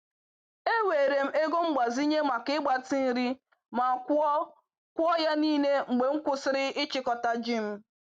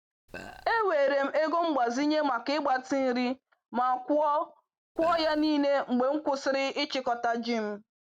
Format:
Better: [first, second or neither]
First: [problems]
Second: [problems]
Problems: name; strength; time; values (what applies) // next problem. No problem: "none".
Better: first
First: none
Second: background sound (Burping, eructation); 17 dB below the speech